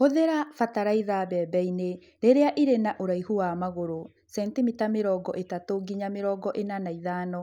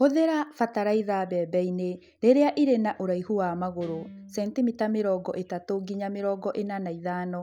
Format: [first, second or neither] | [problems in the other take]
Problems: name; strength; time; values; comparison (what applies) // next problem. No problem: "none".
first | background sound (Guitar); 20 dB below the speech